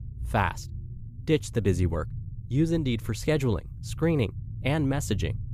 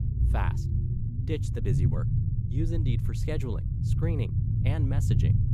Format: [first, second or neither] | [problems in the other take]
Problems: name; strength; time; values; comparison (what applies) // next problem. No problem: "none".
first | low rumble; loud; throughout; 1 dB below the speech; faint in the first